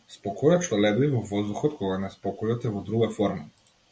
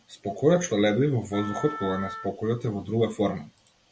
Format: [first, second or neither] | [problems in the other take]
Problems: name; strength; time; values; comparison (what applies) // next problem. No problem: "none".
first | background sound (Wind instrument, woodwind instrument); 13 dB below the speech